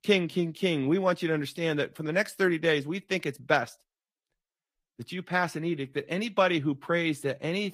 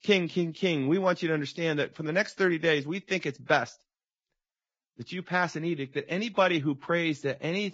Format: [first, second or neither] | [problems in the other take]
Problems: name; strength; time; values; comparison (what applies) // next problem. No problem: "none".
first | garbled, watery; badly; slightly in the first